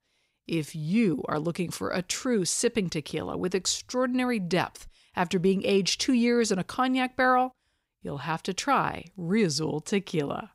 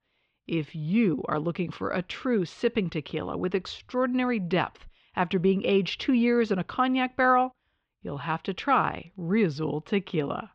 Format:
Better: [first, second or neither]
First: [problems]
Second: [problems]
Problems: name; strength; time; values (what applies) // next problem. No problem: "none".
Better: first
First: none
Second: muffled; very; fading above 3 kHz